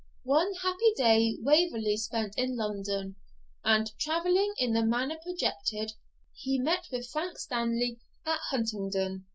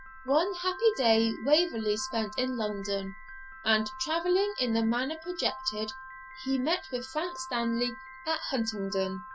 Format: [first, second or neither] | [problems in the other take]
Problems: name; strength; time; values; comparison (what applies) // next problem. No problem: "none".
first | background sound (Piano); 15 dB below the speech